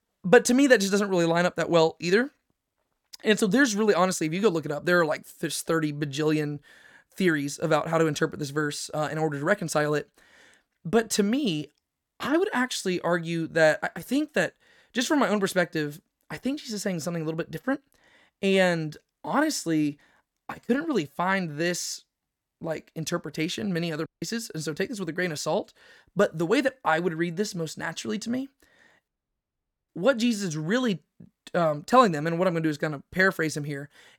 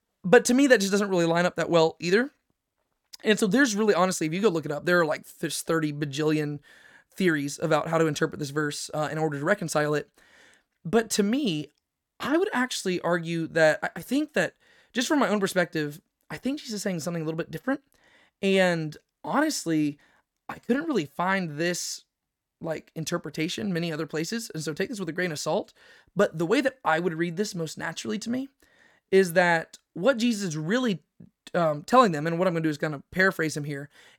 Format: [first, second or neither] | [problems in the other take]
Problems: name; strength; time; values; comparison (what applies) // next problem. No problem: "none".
second | audio cutting out; at 24 s and at 29 s for 1 s